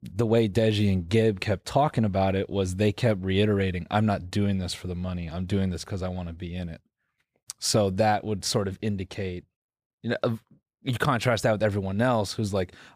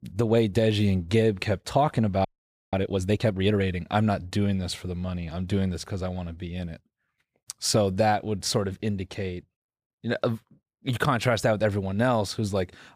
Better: first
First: none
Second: audio freezing; at 2.5 s

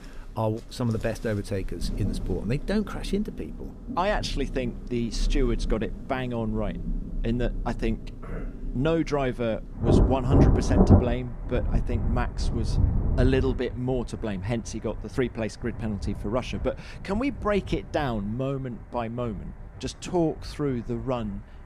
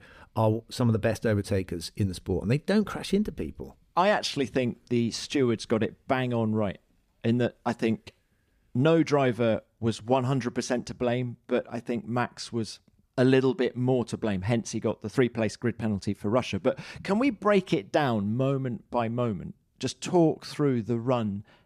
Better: second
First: rain or running water; very loud; throughout; as loud as the speech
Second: none

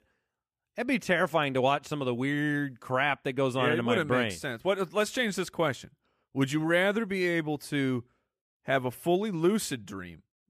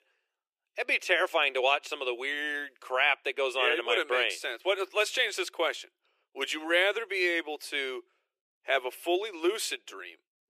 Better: first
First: none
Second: thin; very; fading below 350 Hz

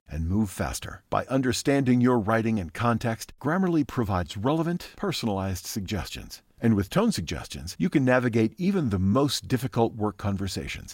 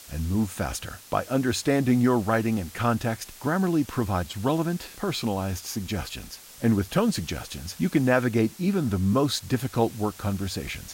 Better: first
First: none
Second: hiss; noticeable; throughout; 20 dB below the speech

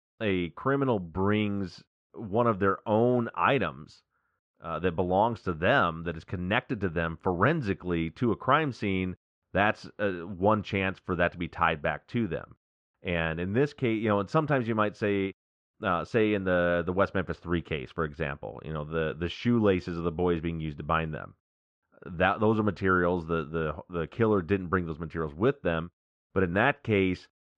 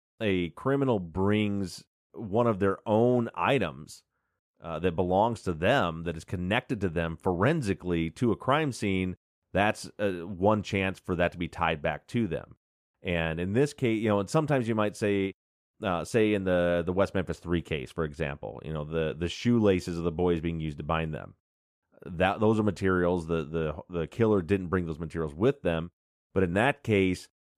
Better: second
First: muffled; slightly; fading above 4.5 kHz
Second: none

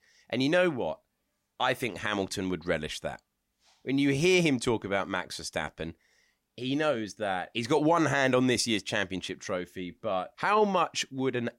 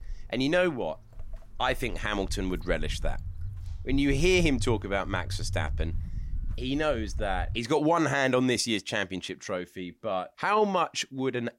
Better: first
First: none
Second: footsteps; noticeable; until 7.5 s; peak 5 dB below the speech

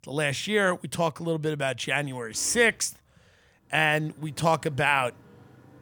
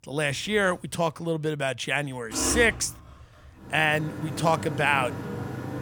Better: first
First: traffic noise; faint; throughout; 30 dB below the speech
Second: traffic noise; loud; throughout; 9 dB below the speech

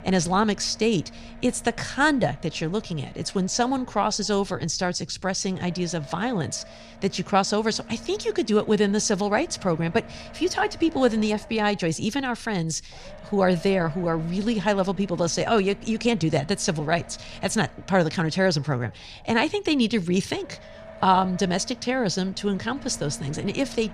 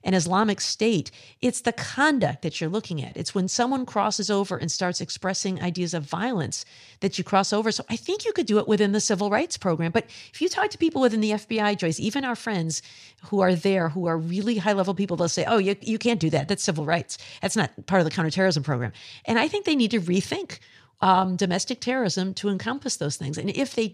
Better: second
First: low rumble; faint; throughout; 20 dB below the speech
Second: none

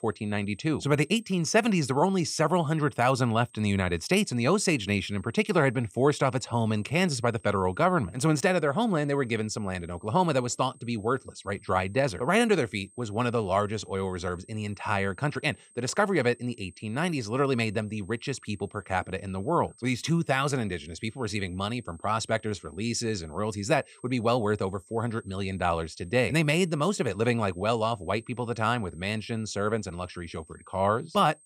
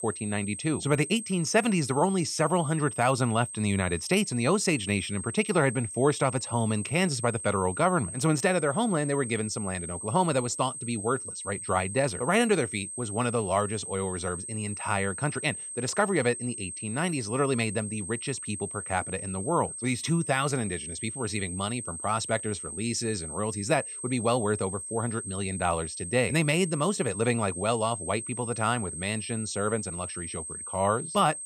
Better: first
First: high-pitched whine; faint; throughout; 8.5 kHz, 30 dB below the speech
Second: high-pitched whine; loud; throughout; 8.5 kHz, 7 dB below the speech

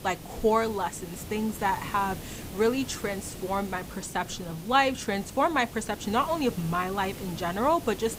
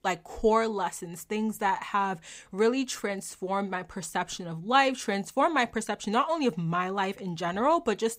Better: second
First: hiss; noticeable; throughout; 15 dB below the speech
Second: none

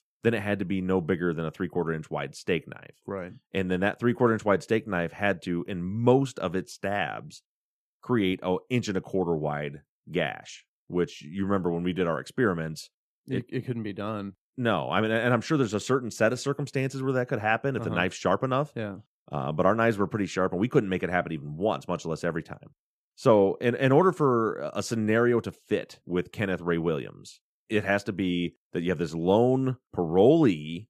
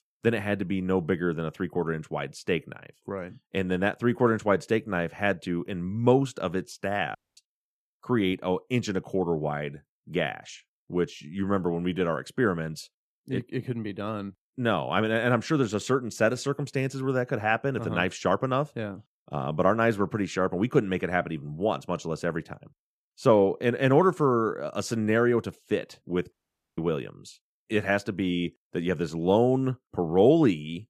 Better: first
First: none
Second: audio cutting out; at 7 s and at 26 s

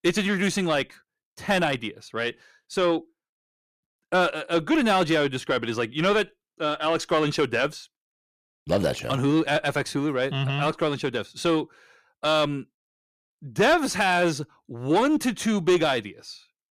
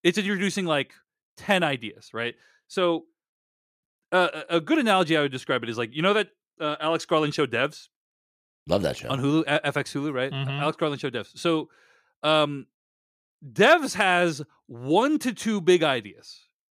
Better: second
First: distortion; slight; 9 dB below the speech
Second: none

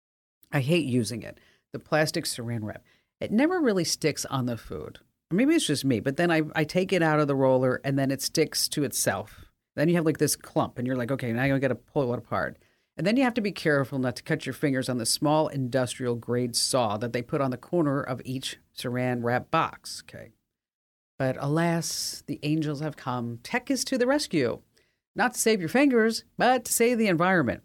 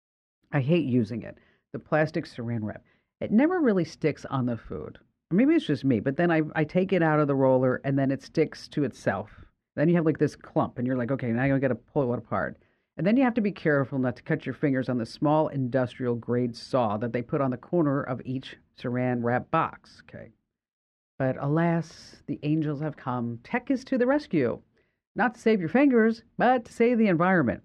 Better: first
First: none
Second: muffled; very; fading above 2 kHz

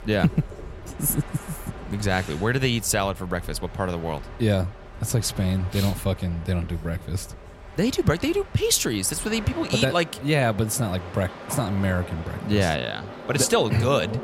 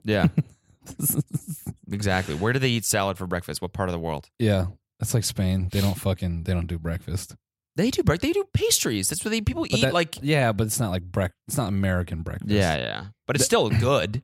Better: second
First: train or aircraft noise; noticeable; throughout; 15 dB below the speech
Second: none

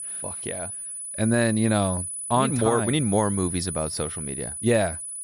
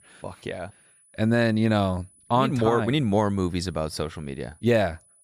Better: second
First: high-pitched whine; loud; throughout; 10 kHz, 6 dB below the speech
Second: high-pitched whine; faint; throughout; 10 kHz, 30 dB below the speech

